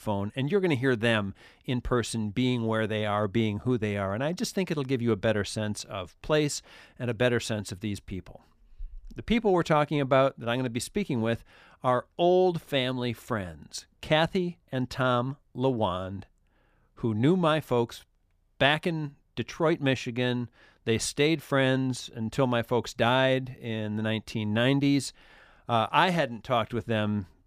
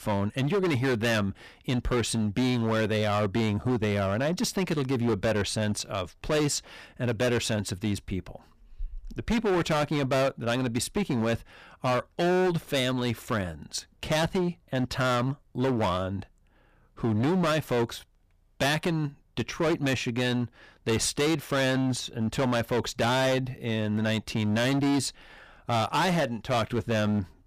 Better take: first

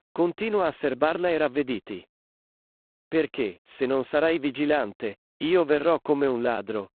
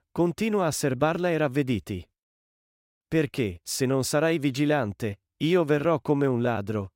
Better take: second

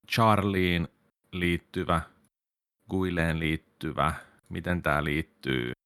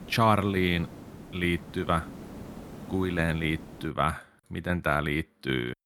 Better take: first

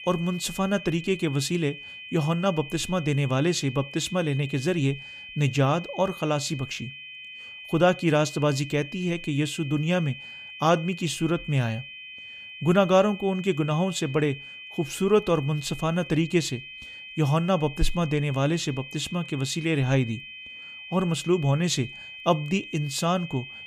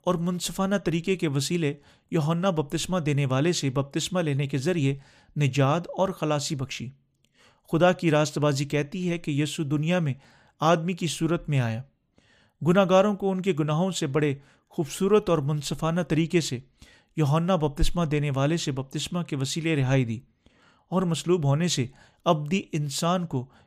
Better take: second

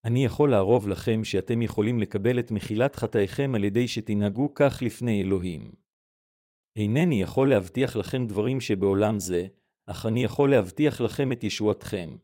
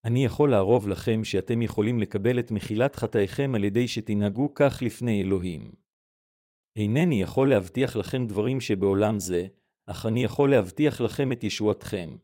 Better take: neither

